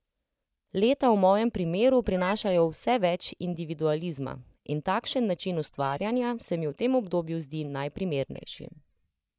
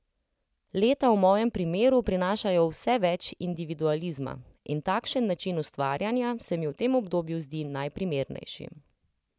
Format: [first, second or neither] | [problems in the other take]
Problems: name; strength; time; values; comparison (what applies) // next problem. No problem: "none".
second | noise reduction (neural mask model DeepFilterNet 3)